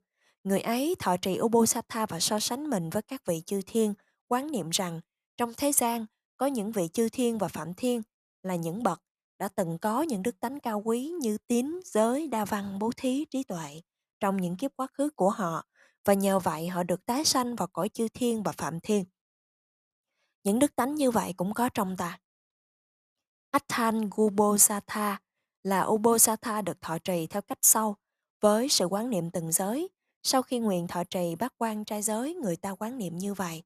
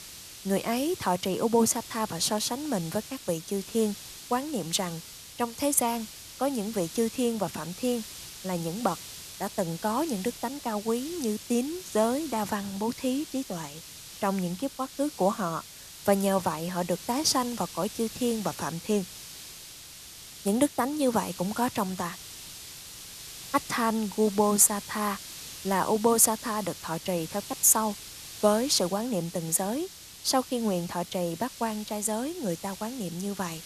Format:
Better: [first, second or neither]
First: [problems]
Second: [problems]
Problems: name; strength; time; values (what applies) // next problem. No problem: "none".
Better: first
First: none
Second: hiss; noticeable; throughout; 15 dB below the speech